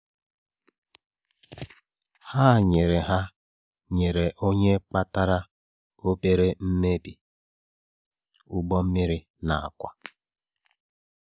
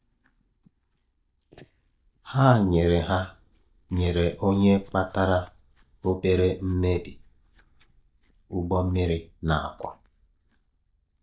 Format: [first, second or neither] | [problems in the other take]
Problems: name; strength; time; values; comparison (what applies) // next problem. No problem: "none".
first | noise reduction (neural mask model DeepFilterNet 3)